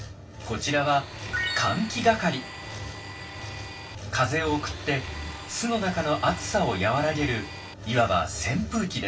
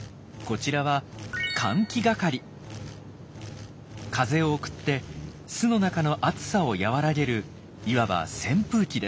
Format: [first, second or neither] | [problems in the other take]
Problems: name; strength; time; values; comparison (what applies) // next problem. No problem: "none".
second | background sound (Domestic sounds, home sounds); 14 dB below the speech // room echo; dies away in 0.2 s